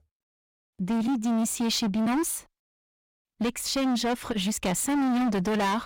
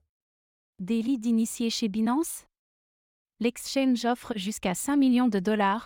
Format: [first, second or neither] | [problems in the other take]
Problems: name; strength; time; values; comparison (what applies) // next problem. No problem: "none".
second | distortion; heavy; 25% of the sound clipped